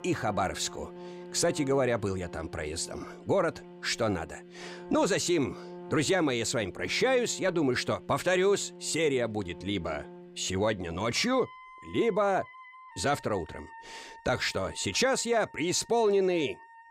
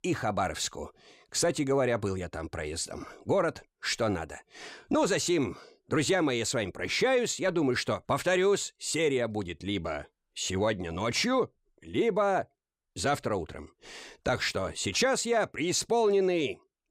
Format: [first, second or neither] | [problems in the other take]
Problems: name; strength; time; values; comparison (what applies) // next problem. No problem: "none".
second | background music; noticeable; throughout; 20 dB below the speech